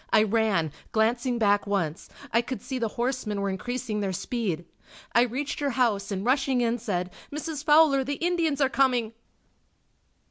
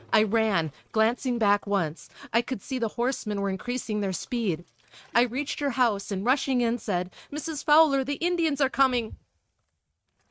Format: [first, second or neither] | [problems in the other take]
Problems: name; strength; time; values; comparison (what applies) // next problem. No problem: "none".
first | noise reduction (neural mask model RNNoise)